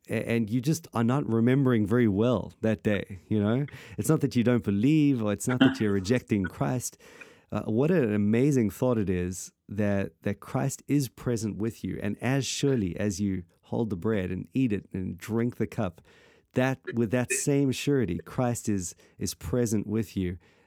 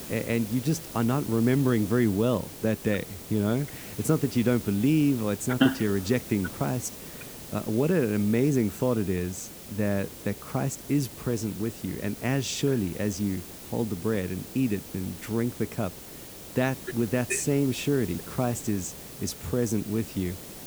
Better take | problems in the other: first | hiss; noticeable; throughout; 10 dB below the speech

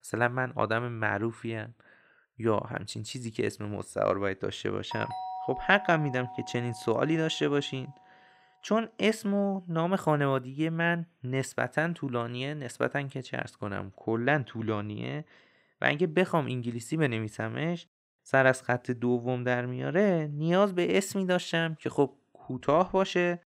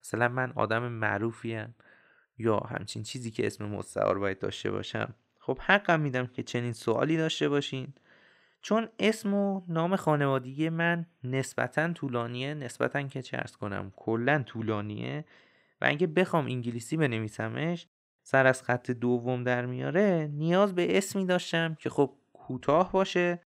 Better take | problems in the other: second | doorbell; noticeable; from 5 to 7.5 s; peak 8 dB below the speech

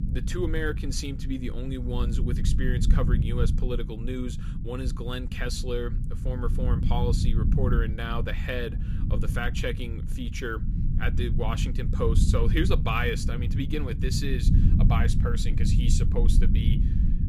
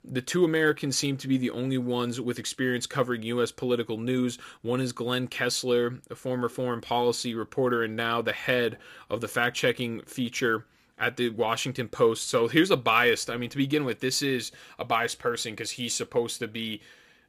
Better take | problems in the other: second | low rumble; loud; throughout; 7 dB below the speech

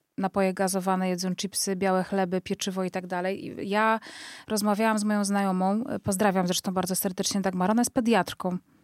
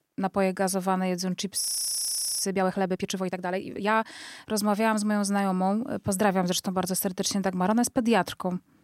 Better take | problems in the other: first | audio freezing; at 1.5 s for 1 s

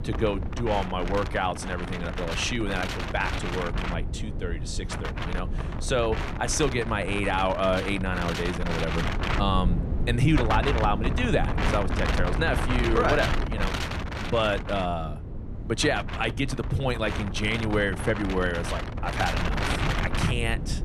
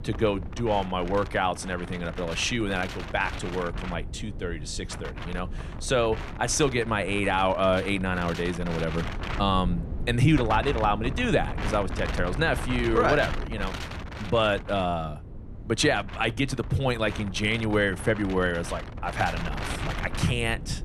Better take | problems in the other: second | wind noise on the microphone; heavy; 5 dB below the speech; occasional gusts in the second

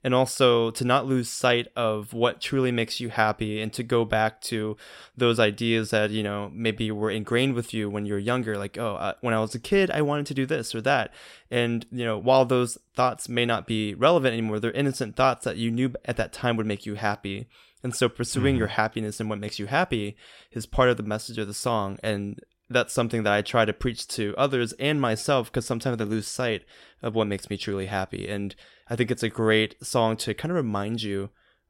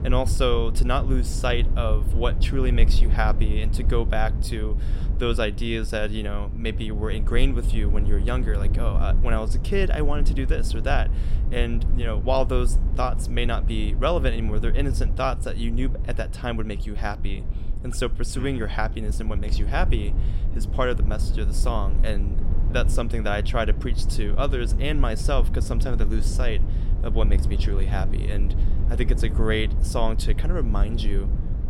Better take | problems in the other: first | low rumble; noticeable; throughout; 15 dB below the speech

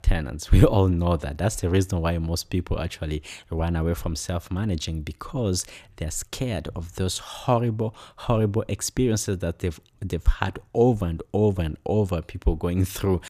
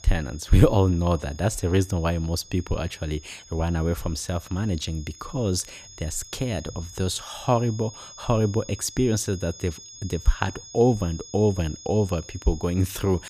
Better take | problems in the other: first | high-pitched whine; noticeable; throughout; 6.5 kHz, 15 dB below the speech

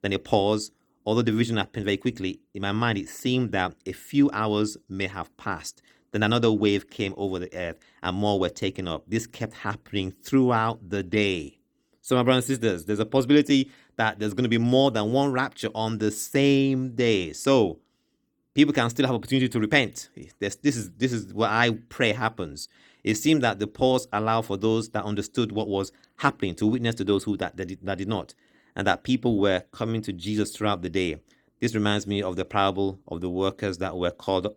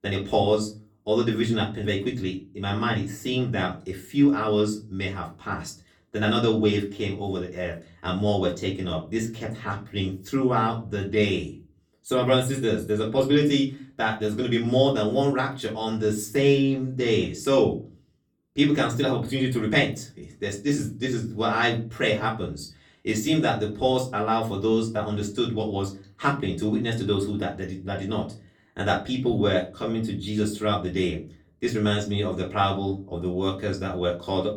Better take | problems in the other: first | off-mic speech; far // room echo; very slight; dies away in 0.3 s

